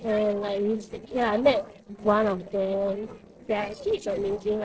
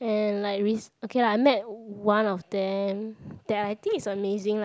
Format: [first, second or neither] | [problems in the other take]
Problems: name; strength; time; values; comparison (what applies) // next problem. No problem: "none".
second | noise reduction (neural separator model SepFormer DNS4)